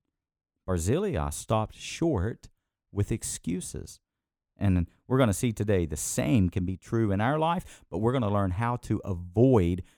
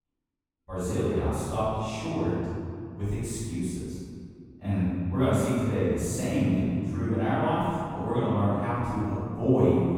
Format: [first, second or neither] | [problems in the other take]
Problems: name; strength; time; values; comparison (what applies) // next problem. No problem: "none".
first | off-mic speech; far // room echo; strong; dies away in 2.1 s